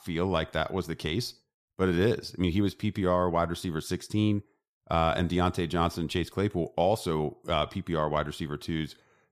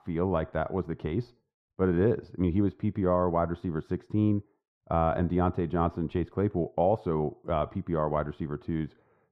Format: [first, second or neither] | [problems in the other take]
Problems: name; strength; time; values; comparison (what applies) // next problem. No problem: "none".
first | muffled; very; fading above 3 kHz